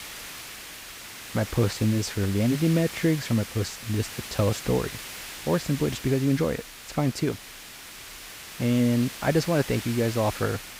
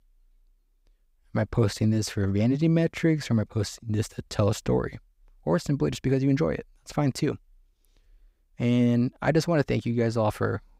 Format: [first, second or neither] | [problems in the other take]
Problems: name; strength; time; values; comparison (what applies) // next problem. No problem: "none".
second | hiss; noticeable; throughout; 10 dB below the speech